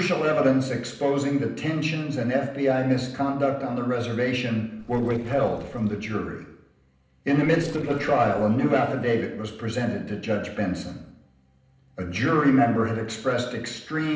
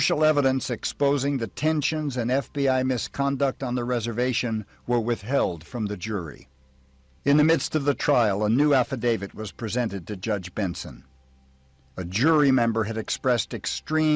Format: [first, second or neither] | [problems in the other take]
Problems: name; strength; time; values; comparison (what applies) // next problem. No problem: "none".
second | noise reduction (neural separator model SepFormer DNS4)